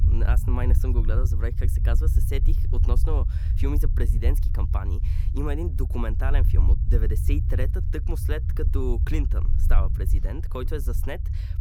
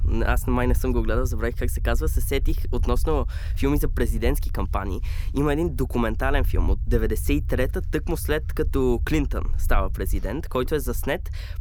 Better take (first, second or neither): second